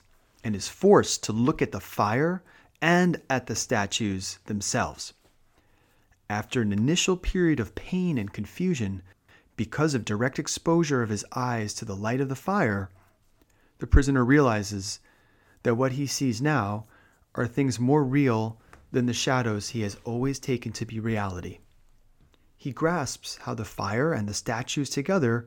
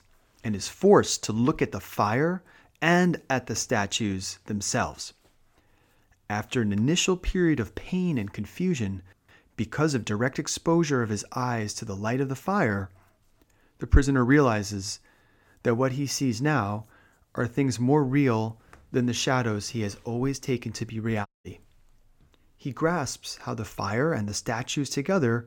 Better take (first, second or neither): first